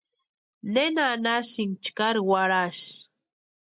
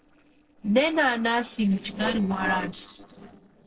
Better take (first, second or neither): first